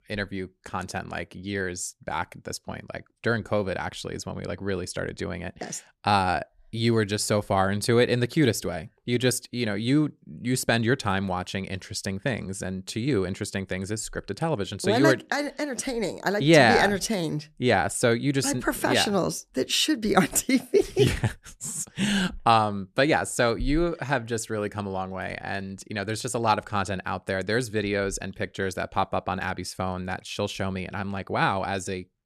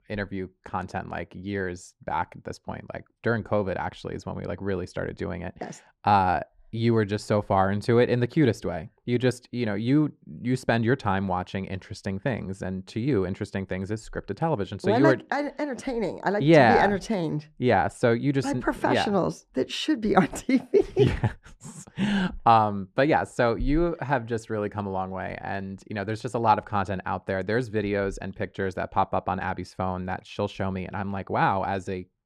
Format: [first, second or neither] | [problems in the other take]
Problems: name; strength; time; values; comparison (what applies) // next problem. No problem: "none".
first | muffled; slightly; fading above 1.5 kHz